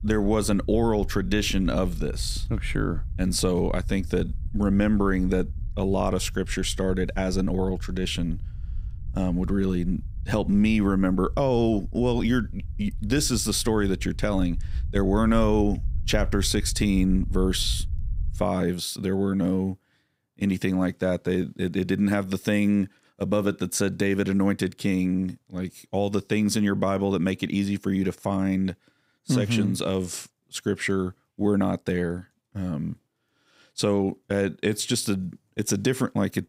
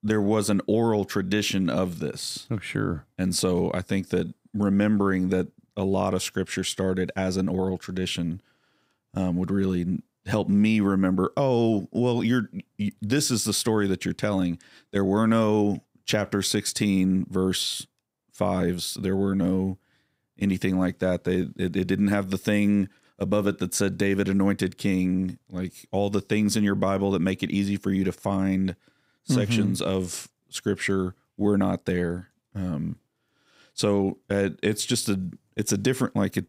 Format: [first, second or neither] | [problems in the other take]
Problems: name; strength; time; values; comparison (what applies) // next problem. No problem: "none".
second | low rumble; faint; until 18 s; 25 dB below the speech